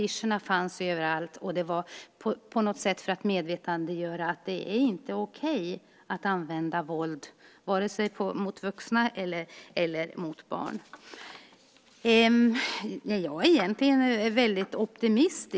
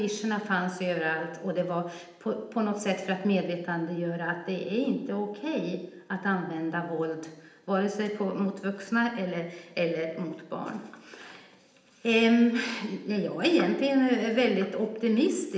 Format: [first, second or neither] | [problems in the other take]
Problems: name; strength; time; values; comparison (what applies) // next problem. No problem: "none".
first | room echo; dies away in 0.8 s